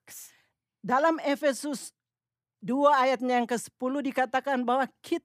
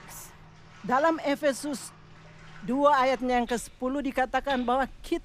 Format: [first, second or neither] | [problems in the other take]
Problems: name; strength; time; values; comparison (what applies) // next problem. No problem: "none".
first | household noises; faint; throughout; 20 dB below the speech